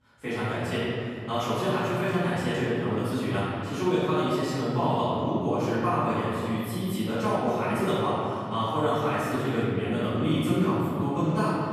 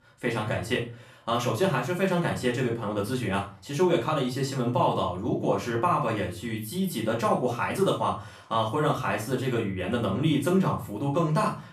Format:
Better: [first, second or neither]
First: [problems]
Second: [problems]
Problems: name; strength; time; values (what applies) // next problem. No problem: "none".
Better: second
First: room echo; strong; dies away in 2.5 s // off-mic speech; far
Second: room echo; slight; dies away in 0.3 s // off-mic speech; far